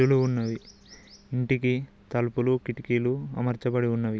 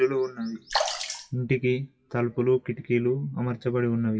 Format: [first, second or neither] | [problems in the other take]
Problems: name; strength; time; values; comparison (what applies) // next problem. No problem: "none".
first | noise reduction (classical method WPE with log-MMSE)